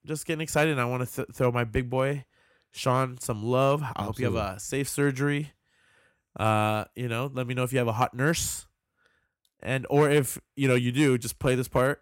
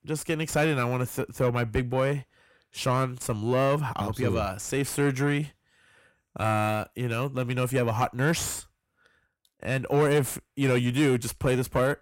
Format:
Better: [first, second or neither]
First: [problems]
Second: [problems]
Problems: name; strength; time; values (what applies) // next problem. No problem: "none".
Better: first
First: none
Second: distortion; slight; 10 dB below the speech